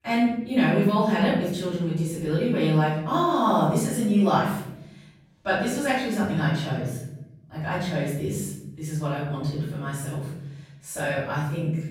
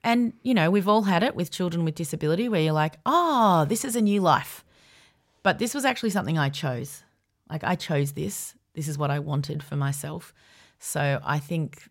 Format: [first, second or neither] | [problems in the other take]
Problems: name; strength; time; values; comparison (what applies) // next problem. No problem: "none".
second | off-mic speech; far // room echo; noticeable; dies away in 0.9 s